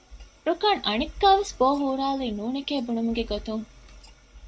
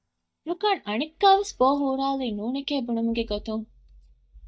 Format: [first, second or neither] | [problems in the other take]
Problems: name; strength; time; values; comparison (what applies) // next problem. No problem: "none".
first | noise reduction (neural mask model DeepFilterNet 3)